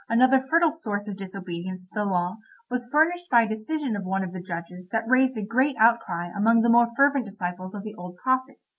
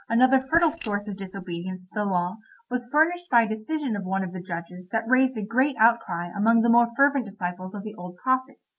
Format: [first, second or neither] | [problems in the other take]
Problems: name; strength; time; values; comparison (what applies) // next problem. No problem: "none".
first | noise reduction (neural mask model Resemble Enhance denoiser)